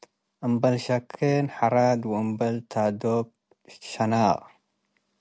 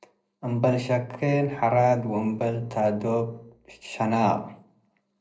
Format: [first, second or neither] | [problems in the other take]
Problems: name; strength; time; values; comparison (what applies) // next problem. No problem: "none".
first | noise reduction (neural separator model SepFormer DNS4)